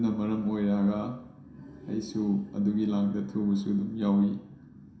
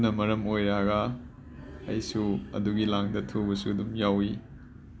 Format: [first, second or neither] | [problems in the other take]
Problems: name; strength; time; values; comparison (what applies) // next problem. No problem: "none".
second | room echo; dies away in 0.7 s